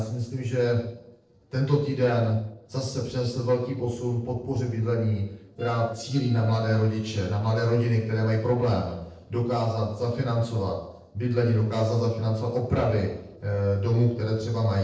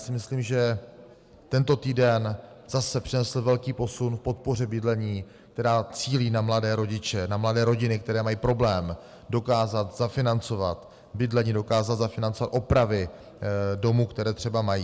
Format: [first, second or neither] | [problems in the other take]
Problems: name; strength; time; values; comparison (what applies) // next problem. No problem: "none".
second | noise reduction (neural separator model SepFormer DNS4)